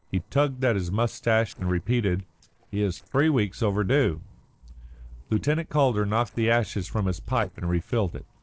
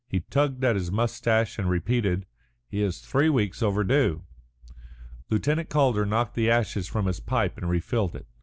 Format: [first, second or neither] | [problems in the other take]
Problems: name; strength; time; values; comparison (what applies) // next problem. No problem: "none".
second | noise reduction (neural separator model SepFormer DNS4)